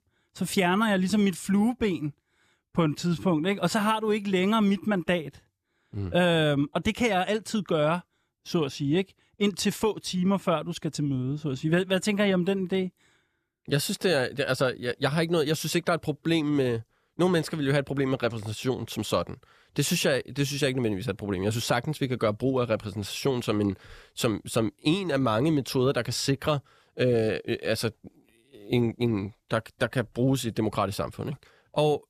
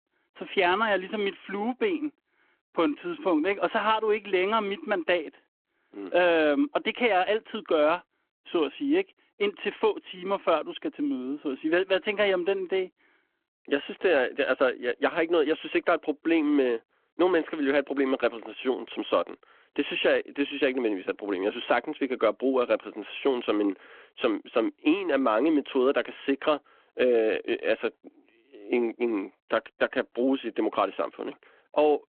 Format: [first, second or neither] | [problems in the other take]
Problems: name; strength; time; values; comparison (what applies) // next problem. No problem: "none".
first | phone-call audio